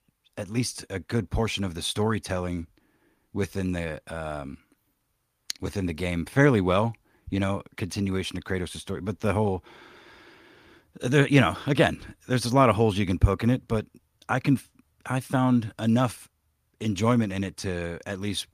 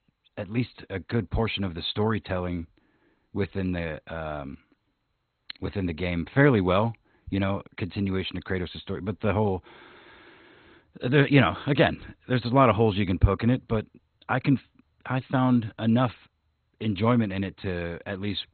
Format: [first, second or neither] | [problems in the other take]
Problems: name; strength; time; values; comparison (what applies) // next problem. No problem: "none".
first | garbled, watery; badly; nothing above 4 kHz